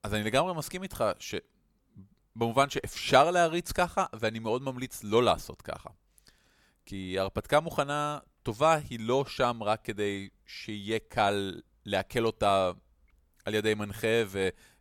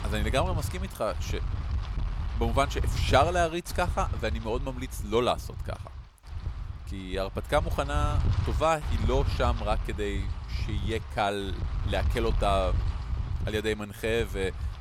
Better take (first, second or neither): first